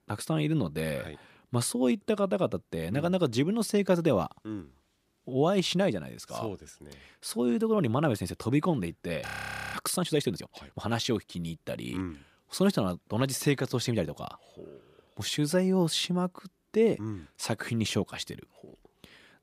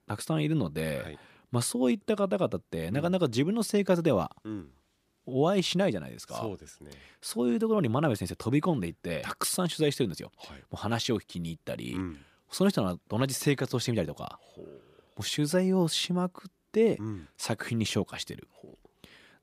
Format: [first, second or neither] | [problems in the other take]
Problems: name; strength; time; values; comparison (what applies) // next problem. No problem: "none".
second | audio freezing; at 9.5 s